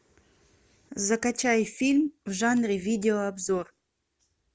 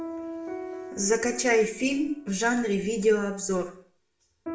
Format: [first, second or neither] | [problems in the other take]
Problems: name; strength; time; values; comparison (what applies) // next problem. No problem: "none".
first | background sound (Piano); 13 dB below the speech // room echo; dies away in 0.5 s